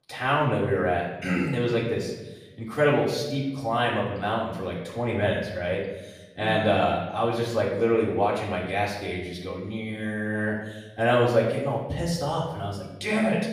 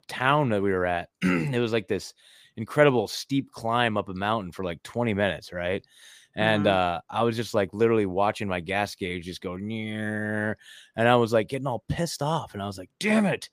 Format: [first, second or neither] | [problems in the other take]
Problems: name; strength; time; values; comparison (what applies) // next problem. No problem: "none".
second | off-mic speech; far // room echo; noticeable; dies away in 1 s